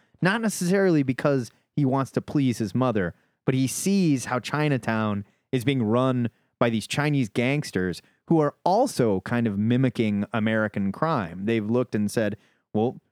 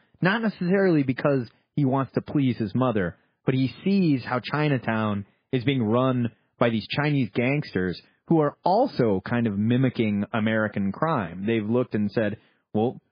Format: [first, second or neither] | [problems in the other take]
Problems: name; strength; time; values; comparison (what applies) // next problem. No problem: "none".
first | garbled, watery; badly; nothing above 5 kHz